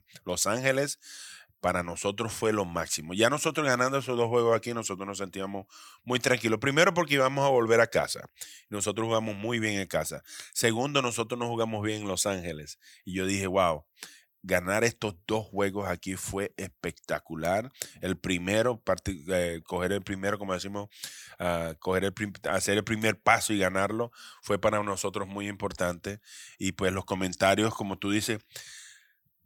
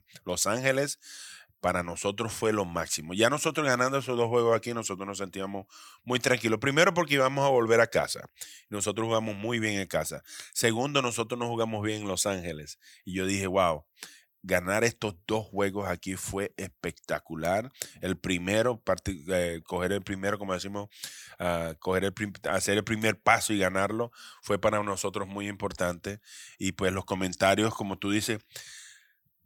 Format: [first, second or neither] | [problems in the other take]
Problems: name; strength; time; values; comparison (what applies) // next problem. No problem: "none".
neither | none